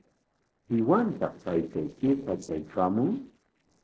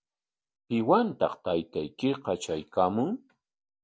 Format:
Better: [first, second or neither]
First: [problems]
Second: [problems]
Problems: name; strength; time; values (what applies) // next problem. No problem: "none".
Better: second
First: noise reduction (neural separator model SepFormer DNS4)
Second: none